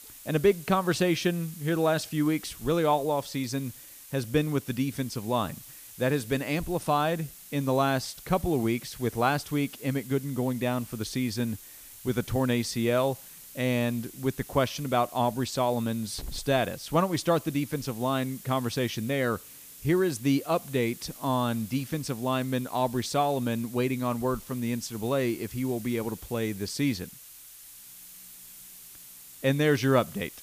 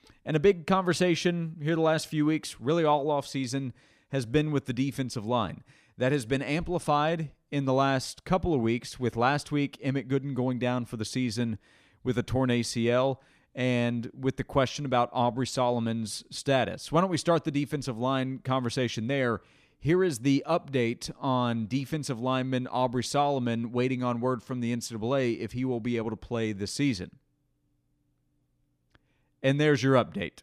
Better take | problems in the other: second | hiss; noticeable; throughout; 15 dB below the speech

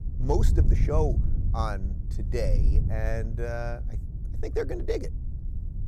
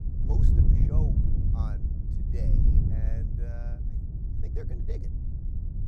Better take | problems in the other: first | wind noise on the microphone; heavy; 5 dB above the speech; occasional gusts in the first

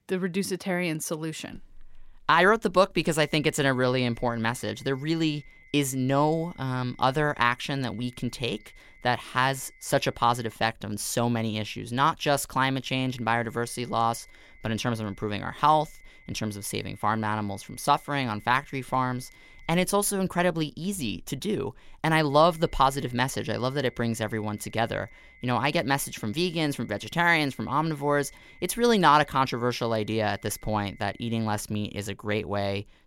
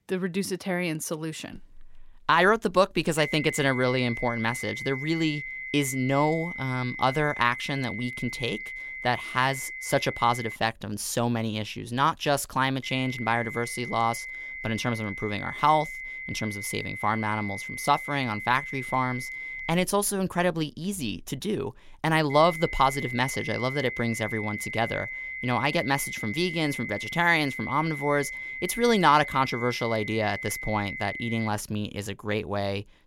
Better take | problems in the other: first | high-pitched whine; loud; from 3 to 11 s, from 13 to 20 s and from 22 to 31 s; 2 kHz, 7 dB below the speech; faint in the first

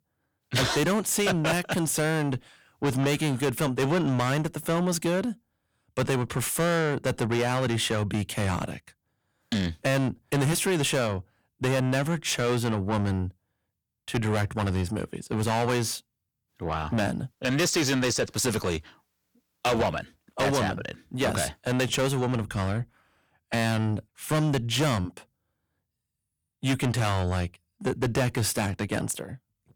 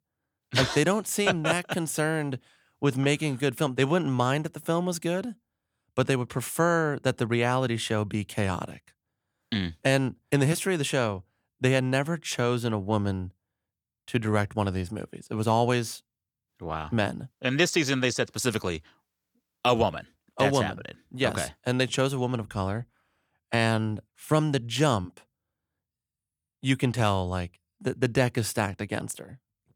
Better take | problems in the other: second | distortion; heavy; 5 dB below the speech

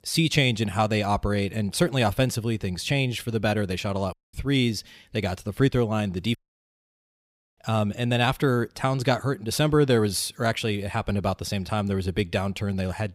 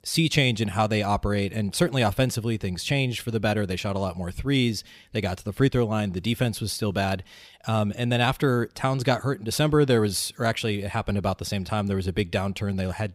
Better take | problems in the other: second | audio cutting out; at 4 s and at 6.5 s for 1 s

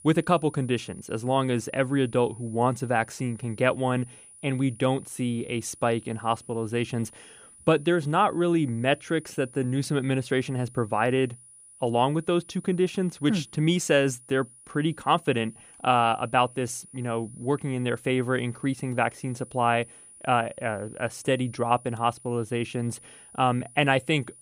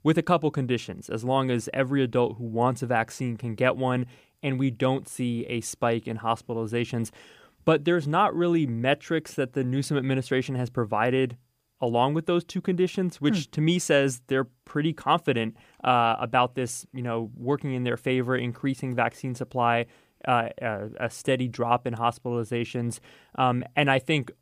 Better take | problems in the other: second | high-pitched whine; faint; throughout; 9.5 kHz, 20 dB below the speech

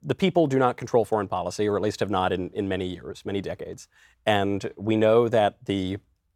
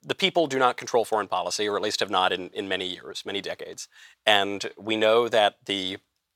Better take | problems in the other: first | thin; somewhat; fading below 1 kHz

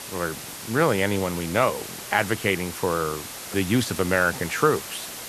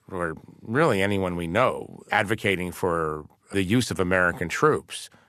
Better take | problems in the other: second | hiss; loud; throughout; 10 dB below the speech

